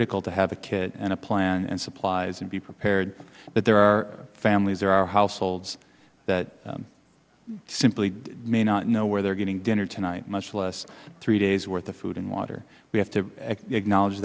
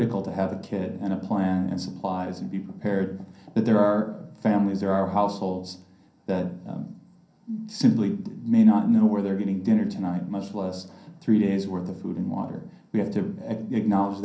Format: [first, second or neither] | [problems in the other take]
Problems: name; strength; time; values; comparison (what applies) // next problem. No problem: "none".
first | room echo; dies away in 0.6 s